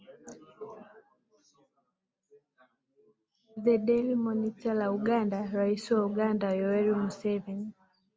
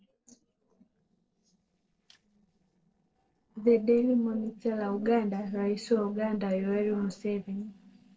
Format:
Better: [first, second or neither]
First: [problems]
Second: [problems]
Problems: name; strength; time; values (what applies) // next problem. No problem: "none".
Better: first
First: none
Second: noise reduction (neural separator model SepFormer DNS4)